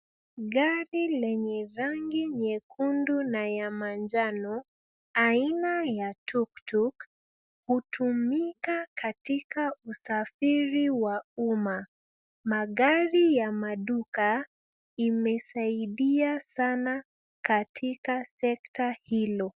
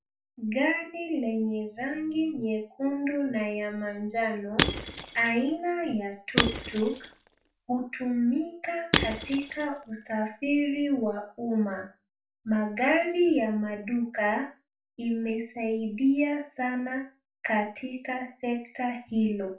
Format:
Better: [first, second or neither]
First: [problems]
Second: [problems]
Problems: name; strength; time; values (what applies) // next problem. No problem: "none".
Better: first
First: none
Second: background sound (Shatter / Crushing); 4 dB below the speech // room echo; dies away in 0.3 s